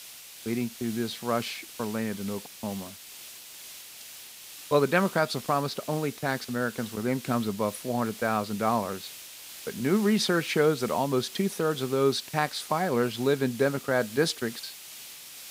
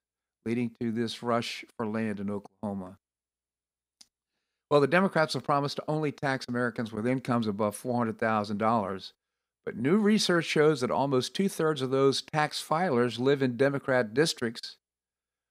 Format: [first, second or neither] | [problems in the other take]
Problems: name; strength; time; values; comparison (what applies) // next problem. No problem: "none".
second | hiss; noticeable; throughout; 15 dB below the speech